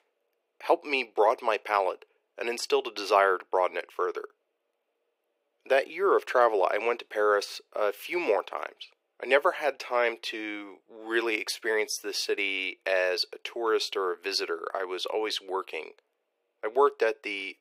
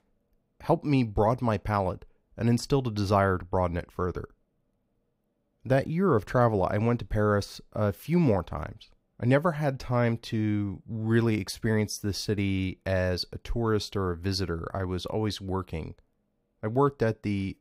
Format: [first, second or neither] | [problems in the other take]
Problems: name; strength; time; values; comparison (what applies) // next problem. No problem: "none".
second | thin; very; fading below 400 Hz